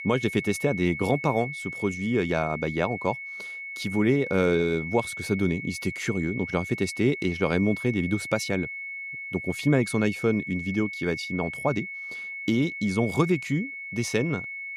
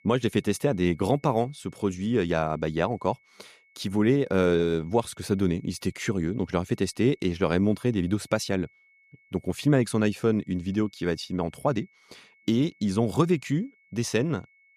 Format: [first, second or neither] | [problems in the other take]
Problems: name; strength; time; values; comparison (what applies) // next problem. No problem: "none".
second | high-pitched whine; loud; throughout; 2 kHz, 7 dB below the speech; faint in the second